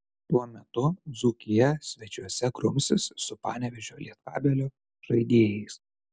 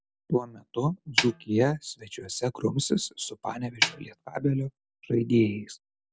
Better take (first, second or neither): first